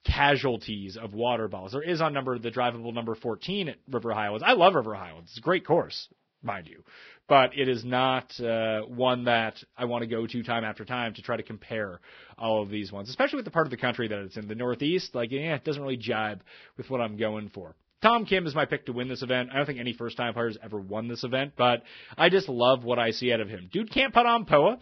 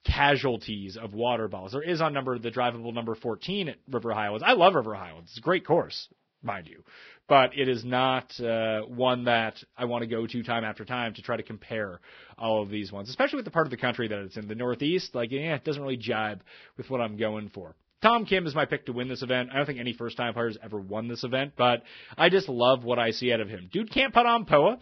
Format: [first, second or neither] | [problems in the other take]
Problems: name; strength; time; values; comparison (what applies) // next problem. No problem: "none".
neither | garbled, watery; badly; nothing above 5.5 kHz; the same in both